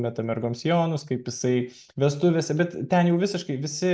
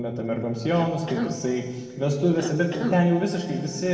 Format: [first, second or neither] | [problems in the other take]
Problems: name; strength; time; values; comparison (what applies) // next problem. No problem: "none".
first | background sound (Cough); 9 dB below the speech // room echo; dies away in 2.2 s